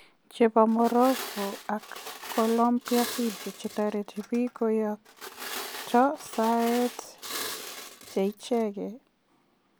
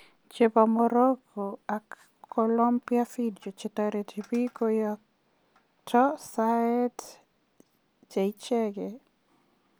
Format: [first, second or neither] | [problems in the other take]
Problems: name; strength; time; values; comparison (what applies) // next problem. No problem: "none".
second | background sound (Glass); 12 dB below the speech